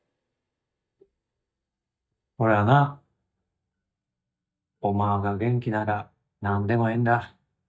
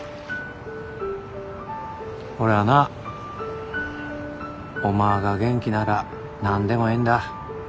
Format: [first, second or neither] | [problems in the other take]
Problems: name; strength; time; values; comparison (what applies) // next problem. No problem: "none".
second | noise reduction (neural mask model DeepFilterNet 3)